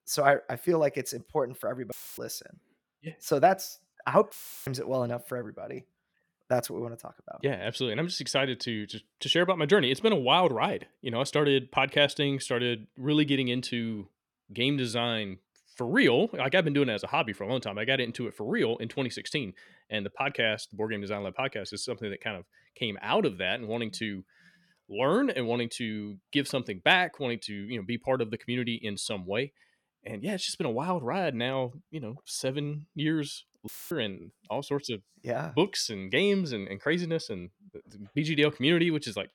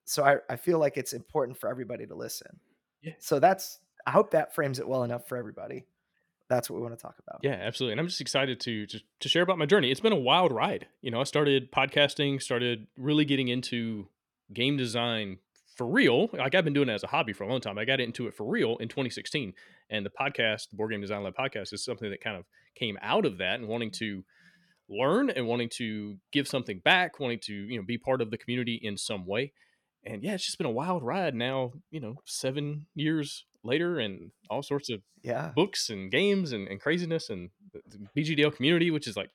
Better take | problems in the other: second | audio cutting out; filled with static; at 2 s, at 4.5 s and at 34 s

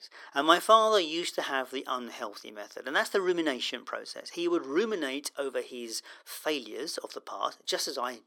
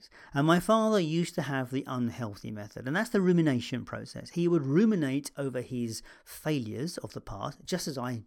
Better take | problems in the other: second | thin; very; fading below 350 Hz

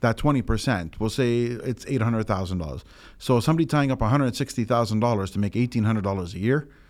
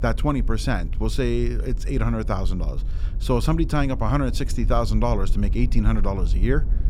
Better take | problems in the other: first | low rumble; noticeable; throughout; 20 dB below the speech

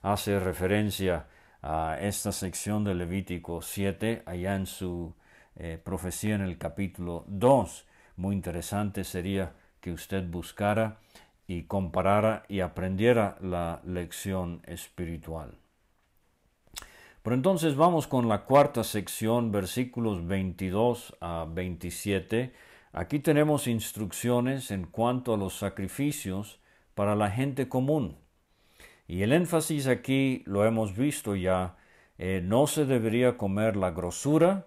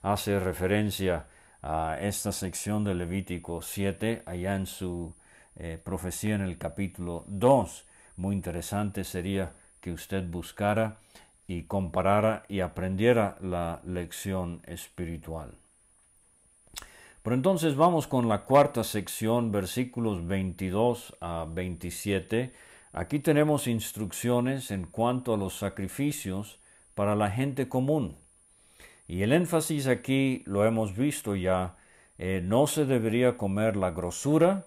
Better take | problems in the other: first | high-pitched whine; faint; throughout; 9 kHz, 30 dB below the speech

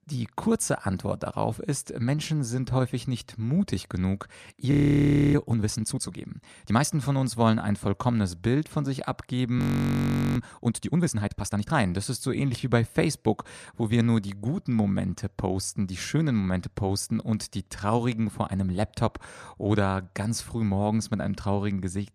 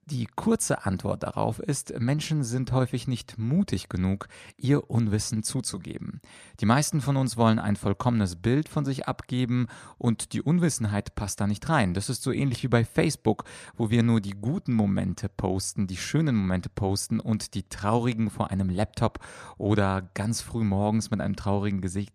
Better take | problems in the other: second | audio freezing; at 4.5 s for 0.5 s and at 9.5 s for 1 s

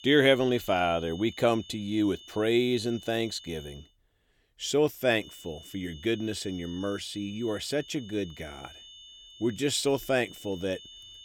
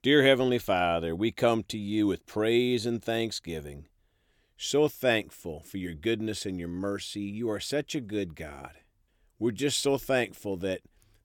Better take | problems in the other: second | high-pitched whine; noticeable; until 4 s and from 5 s on; 3 kHz, 20 dB below the speech

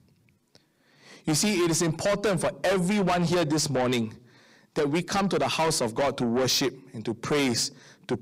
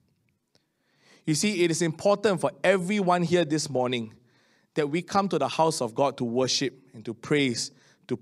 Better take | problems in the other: second | distortion; heavy; 6 dB below the speech

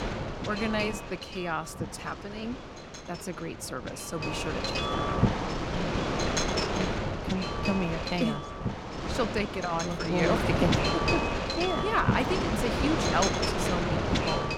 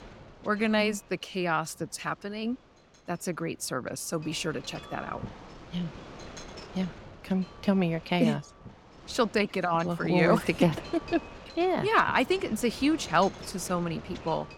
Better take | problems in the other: second | wind noise on the microphone; heavy; 2 dB above the speech; occasional gusts in the second

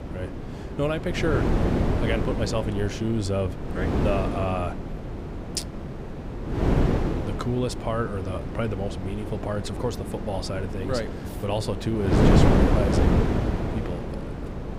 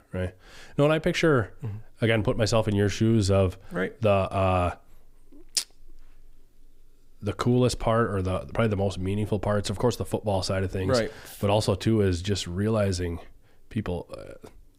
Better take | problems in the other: second | wind noise on the microphone; heavy; 1 dB below the speech

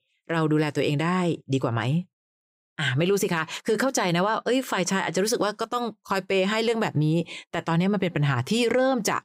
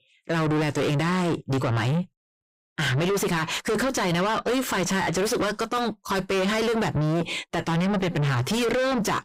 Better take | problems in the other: first | distortion; heavy; 5 dB below the speech

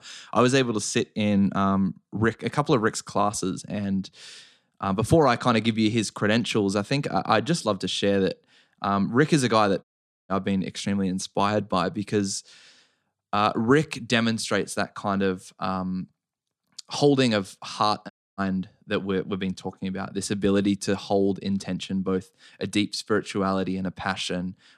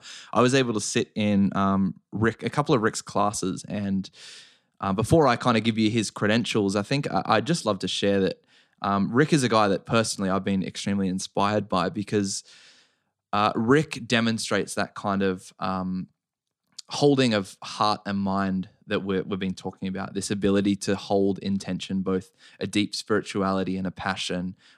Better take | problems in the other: second | audio cutting out; at 10 s and at 18 s

